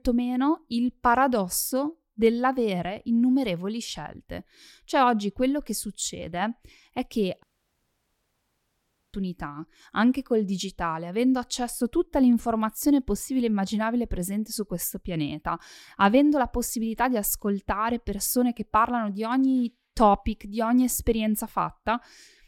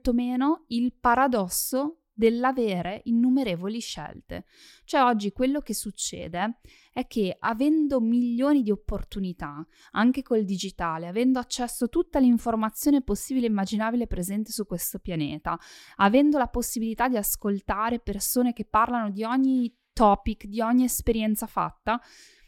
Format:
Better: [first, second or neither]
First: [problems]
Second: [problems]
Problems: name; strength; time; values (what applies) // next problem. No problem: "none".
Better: second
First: audio cutting out; at 7.5 s for 1.5 s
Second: none